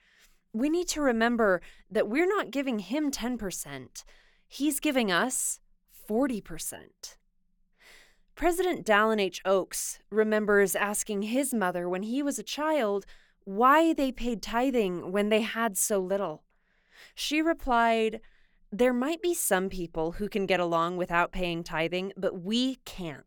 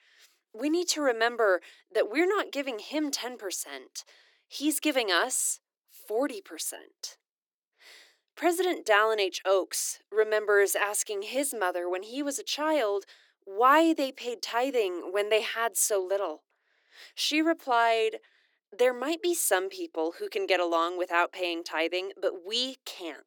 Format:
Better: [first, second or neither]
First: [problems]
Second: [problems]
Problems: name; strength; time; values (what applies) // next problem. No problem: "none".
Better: first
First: none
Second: thin; somewhat; fading below 300 Hz